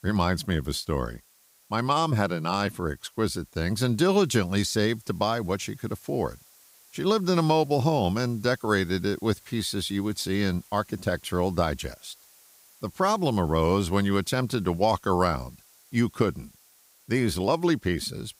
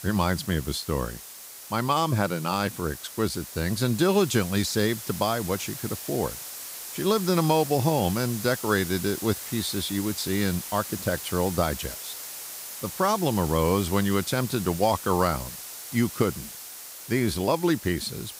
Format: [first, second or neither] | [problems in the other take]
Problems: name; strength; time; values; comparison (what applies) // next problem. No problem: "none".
first | hiss; loud; throughout; 10 dB below the speech; faint in the first